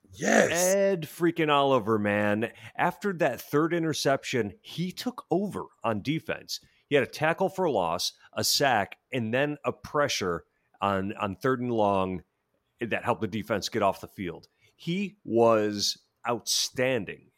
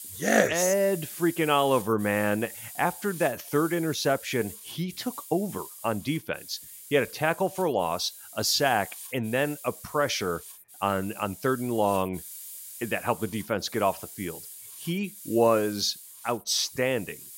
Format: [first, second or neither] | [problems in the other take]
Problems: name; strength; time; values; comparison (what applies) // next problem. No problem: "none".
first | hiss; noticeable; throughout; 15 dB below the speech